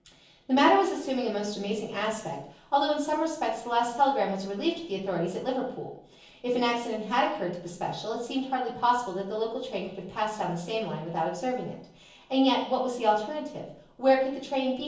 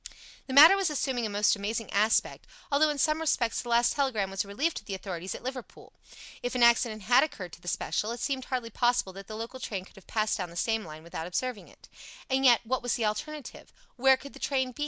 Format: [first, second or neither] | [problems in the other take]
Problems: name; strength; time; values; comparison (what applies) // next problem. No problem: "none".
second | room echo; dies away in 0.7 s